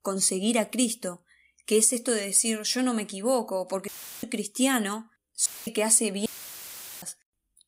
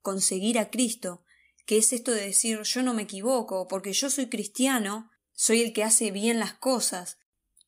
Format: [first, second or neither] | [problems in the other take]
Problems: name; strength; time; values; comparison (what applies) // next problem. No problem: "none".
second | audio cutting out; filled with static; at 4 s, at 5.5 s and at 6.5 s for 1 s